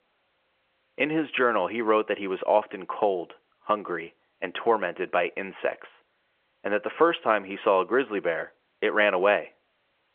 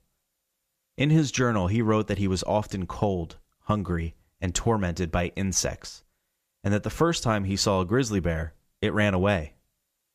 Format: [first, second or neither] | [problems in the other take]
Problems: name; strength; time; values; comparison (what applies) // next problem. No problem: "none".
second | phone-call audio